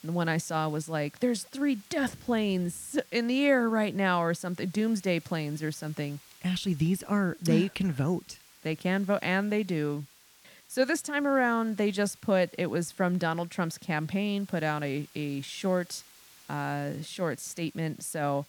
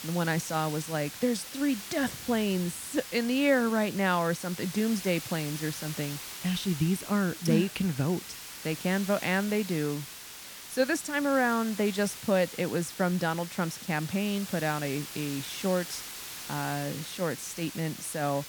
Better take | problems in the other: first | hiss; loud; throughout; 10 dB below the speech; faint in the first

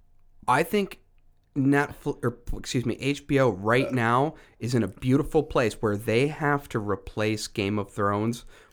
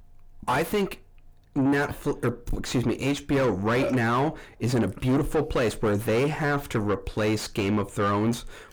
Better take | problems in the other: first | distortion; heavy; 5 dB below the speech

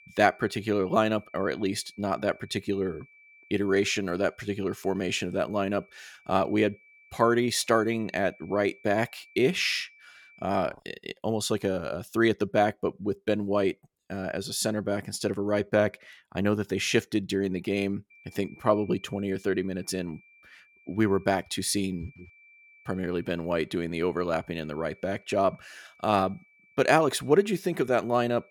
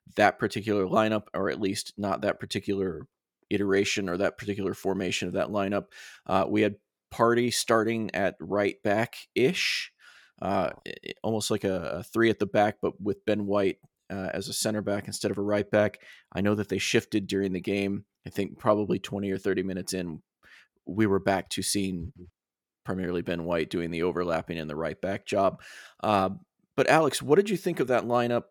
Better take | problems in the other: second | high-pitched whine; faint; until 11 s and from 18 s on; 2.5 kHz, 25 dB below the speech

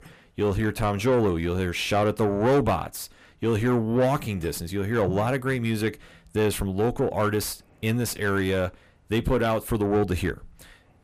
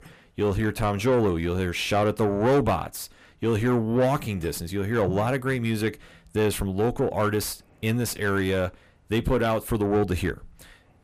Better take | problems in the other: neither | distortion; slight; 10 dB below the speech; the same in both

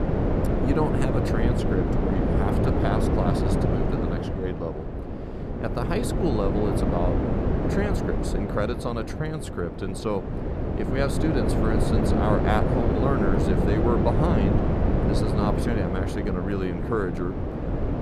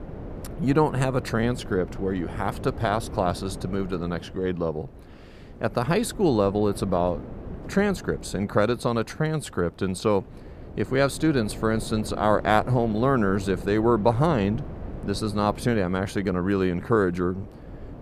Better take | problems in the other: second | wind noise on the microphone; heavy; as loud as the speech; occasional gusts in the second

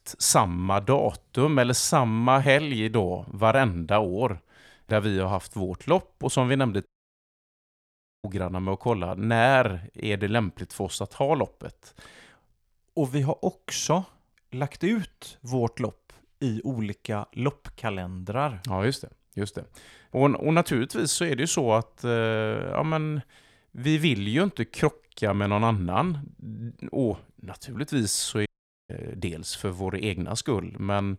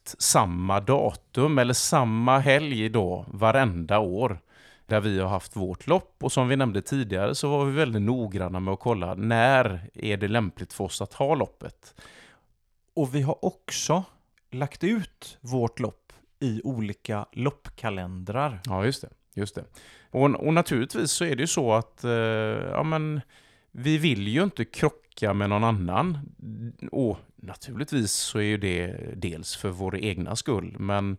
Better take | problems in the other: second | audio cutting out; at 7 s for 1.5 s and at 28 s

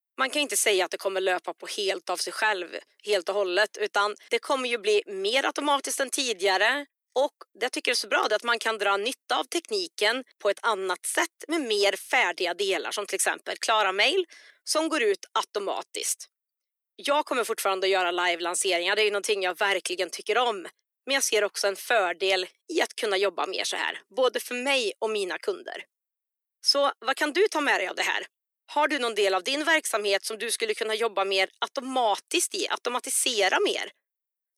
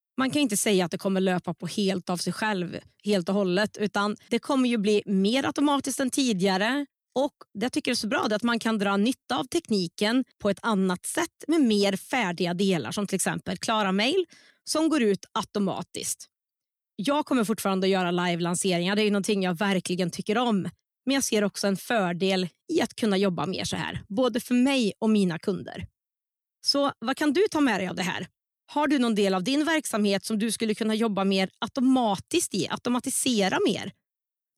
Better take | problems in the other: second | thin; very; fading below 400 Hz

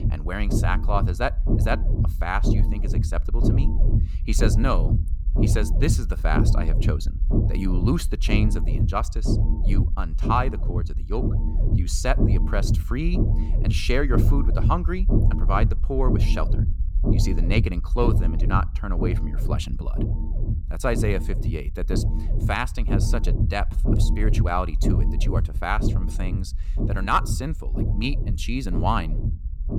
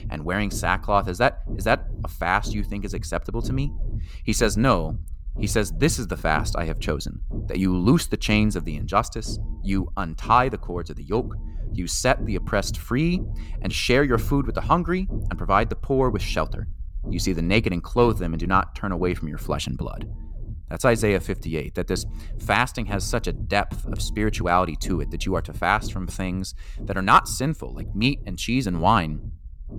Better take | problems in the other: second | low rumble; loud; throughout; 8 dB below the speech; faint in the second

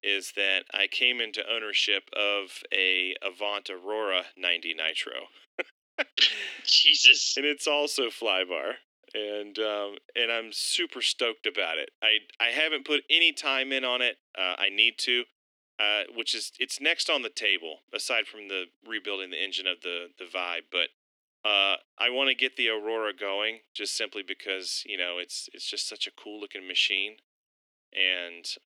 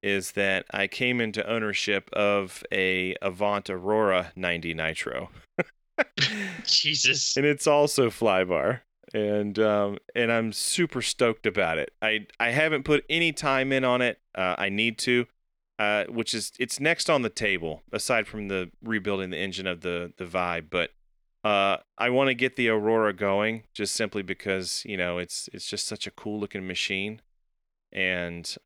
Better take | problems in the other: second | thin; very slightly; fading below 250 Hz

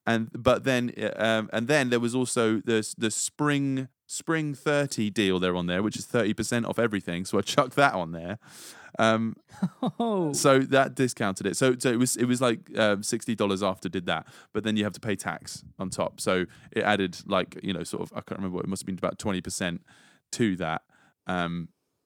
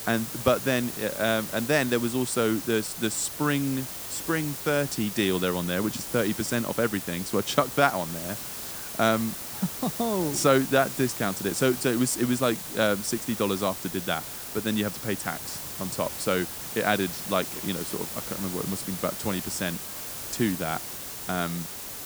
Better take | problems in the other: first | hiss; loud; throughout; 6 dB below the speech

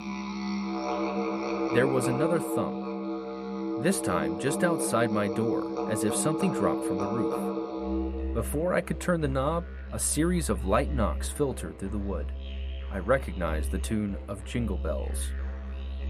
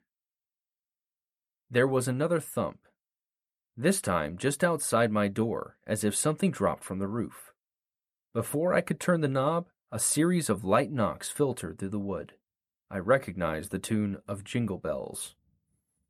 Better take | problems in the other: second | background music; loud; throughout; 3 dB below the speech

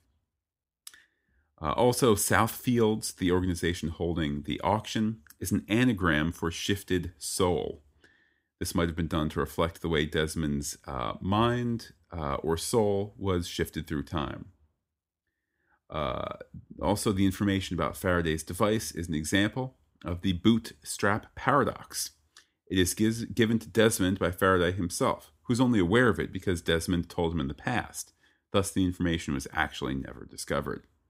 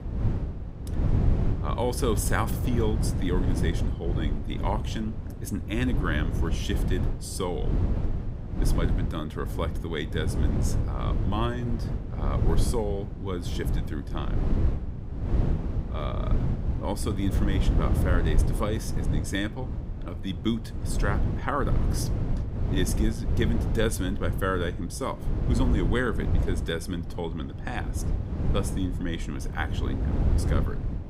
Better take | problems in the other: first | low rumble; loud; throughout; 6 dB below the speech

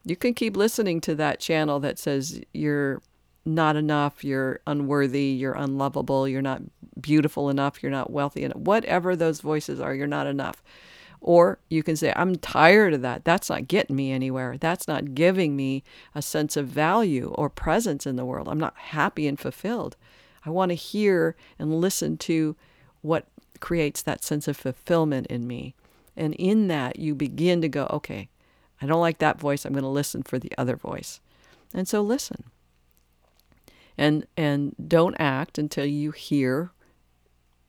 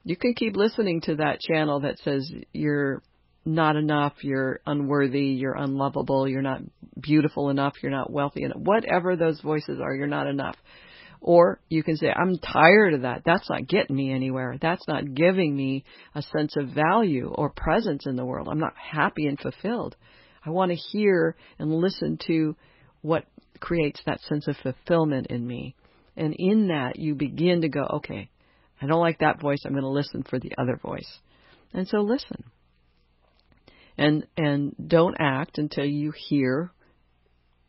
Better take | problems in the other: first | garbled, watery; badly; nothing above 5.5 kHz

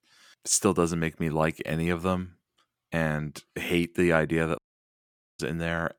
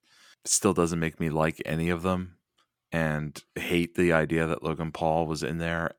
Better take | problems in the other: second | audio cutting out; at 4.5 s for 1 s

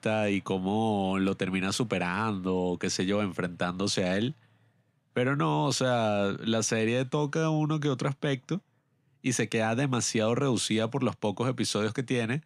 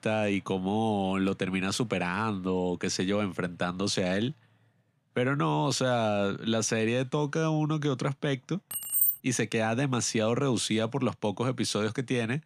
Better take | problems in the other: first | jangling keys; loud; at 8.5 s; peak 5 dB above the speech

